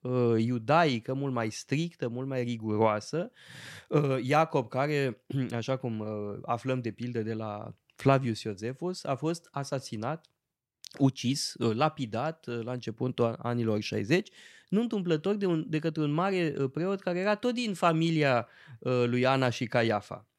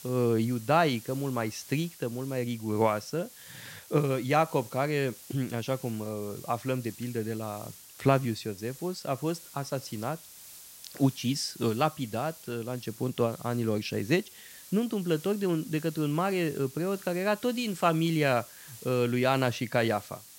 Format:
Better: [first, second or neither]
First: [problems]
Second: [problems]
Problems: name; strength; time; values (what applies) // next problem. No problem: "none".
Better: first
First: none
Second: hiss; noticeable; throughout; 15 dB below the speech